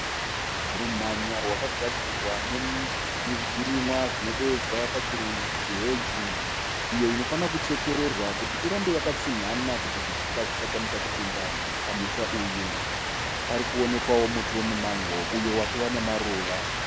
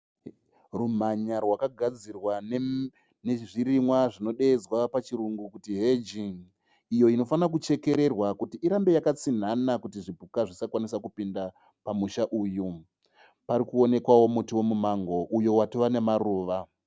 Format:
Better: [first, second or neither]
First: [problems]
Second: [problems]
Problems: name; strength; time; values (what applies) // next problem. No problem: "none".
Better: second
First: background sound (Rain); 1 dB above the speech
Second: none